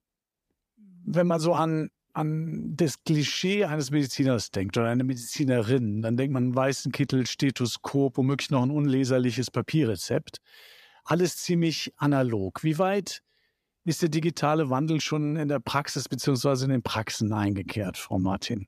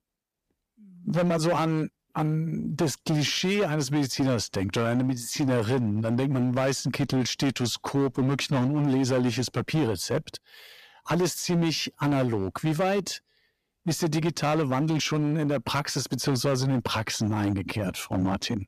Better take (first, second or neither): first